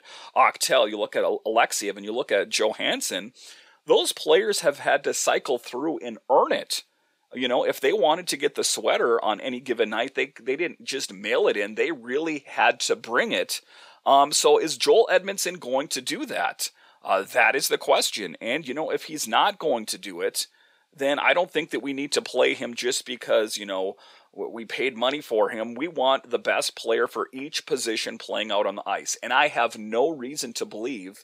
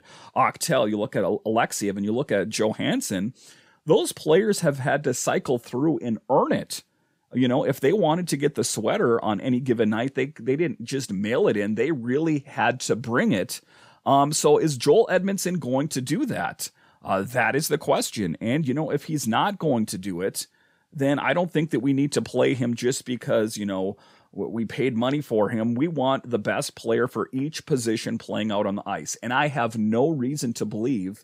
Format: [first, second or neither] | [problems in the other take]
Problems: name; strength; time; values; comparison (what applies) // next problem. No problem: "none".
second | thin; somewhat; fading below 550 Hz